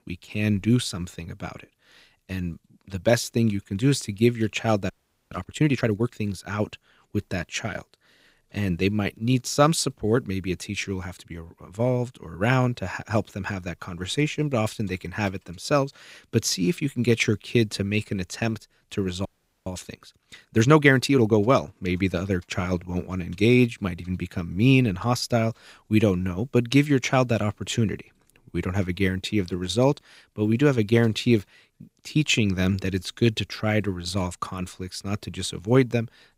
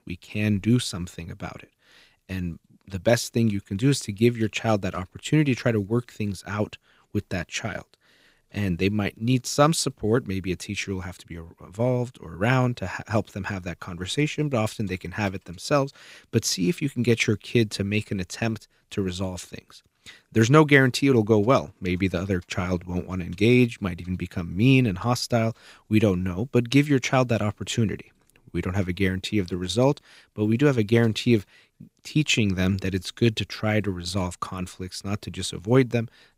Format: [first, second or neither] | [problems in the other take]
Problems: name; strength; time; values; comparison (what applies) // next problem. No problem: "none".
second | audio freezing; at 5 s and at 19 s